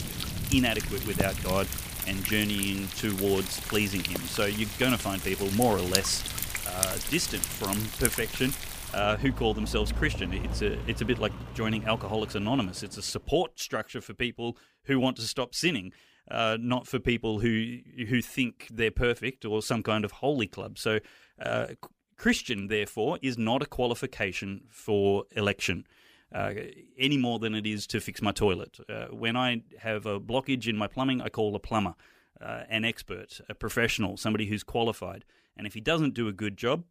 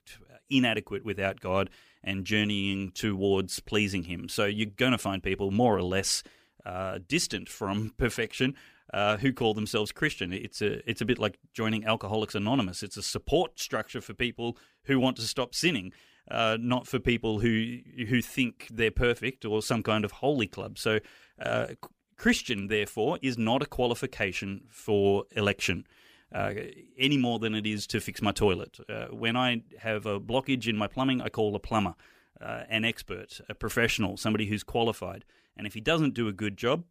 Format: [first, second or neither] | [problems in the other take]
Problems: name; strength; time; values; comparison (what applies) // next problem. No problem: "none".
second | rain or running water; loud; until 13 s; 4 dB below the speech